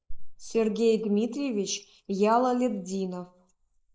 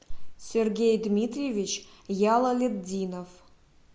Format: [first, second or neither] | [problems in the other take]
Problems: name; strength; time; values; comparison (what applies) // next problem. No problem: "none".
second | noise reduction (neural mask model Resemble Enhance denoiser)